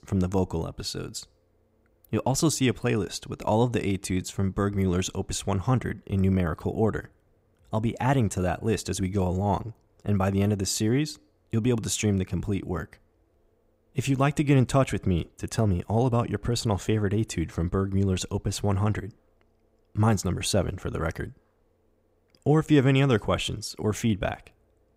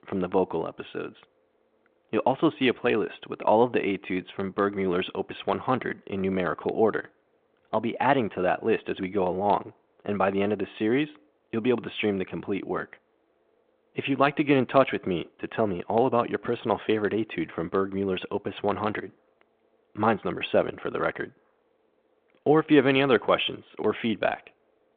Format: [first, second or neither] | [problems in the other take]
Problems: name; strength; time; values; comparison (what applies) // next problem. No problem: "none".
first | phone-call audio